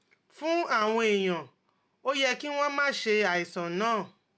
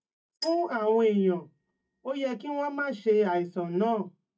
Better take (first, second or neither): first